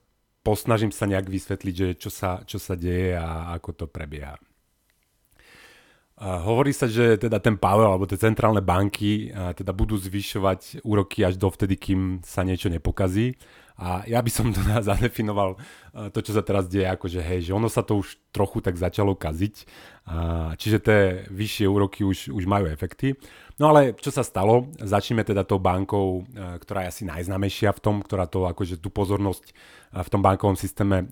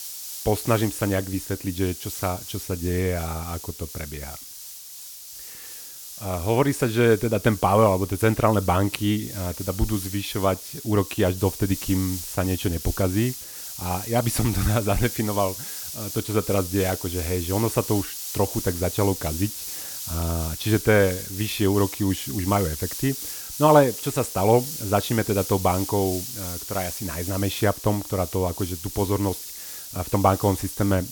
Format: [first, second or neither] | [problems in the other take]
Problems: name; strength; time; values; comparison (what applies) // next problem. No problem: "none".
first | hiss; loud; throughout; 9 dB below the speech